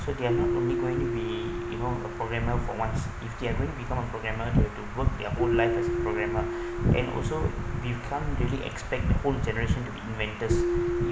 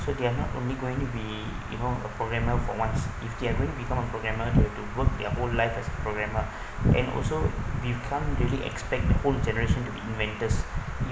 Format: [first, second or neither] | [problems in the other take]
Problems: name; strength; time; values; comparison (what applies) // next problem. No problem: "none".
second | background sound (Keyboard (musical)); 4 dB below the speech